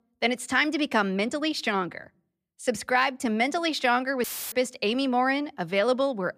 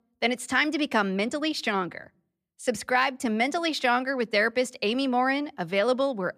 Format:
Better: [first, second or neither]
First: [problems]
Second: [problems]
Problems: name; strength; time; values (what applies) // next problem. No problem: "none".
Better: second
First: audio cutting out; filled with static; at 4 s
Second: none